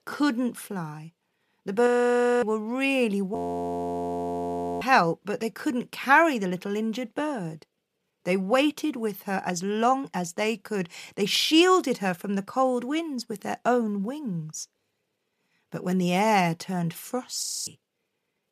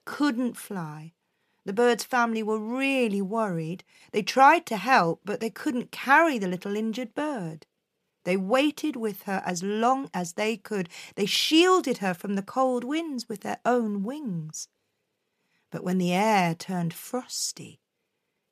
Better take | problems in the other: second | audio freezing; at 2 s for 0.5 s, at 3.5 s for 1.5 s and at 17 s

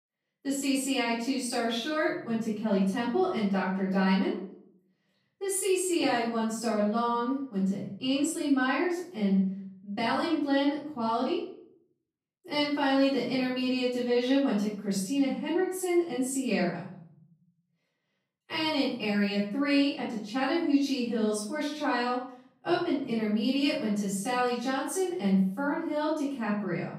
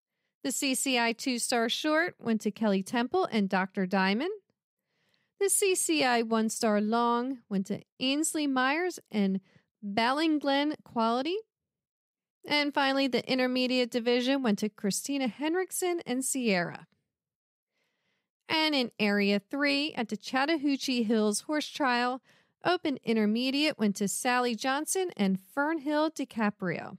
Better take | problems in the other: second | off-mic speech; far // room echo; noticeable; dies away in 0.8 s

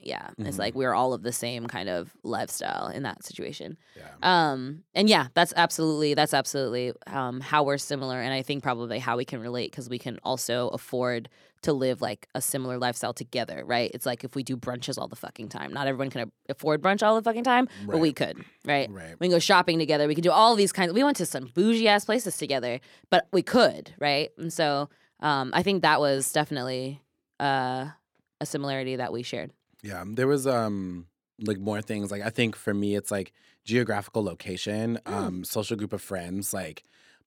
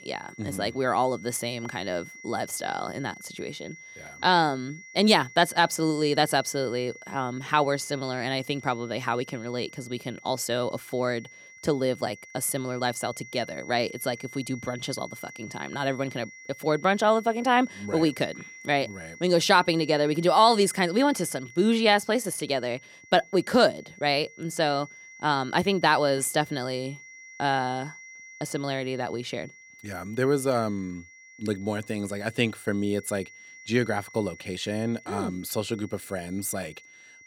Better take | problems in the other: first | high-pitched whine; noticeable; throughout; 2 kHz, 20 dB below the speech

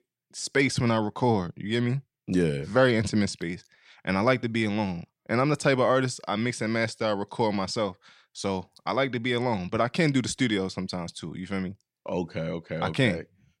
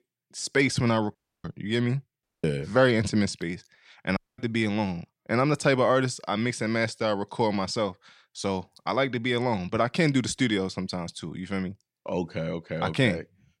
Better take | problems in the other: first | audio cutting out; at 1 s, at 2 s and at 4 s

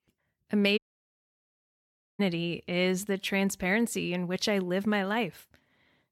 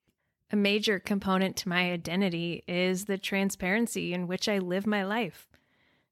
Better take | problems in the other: second | audio cutting out; at 1 s for 1.5 s

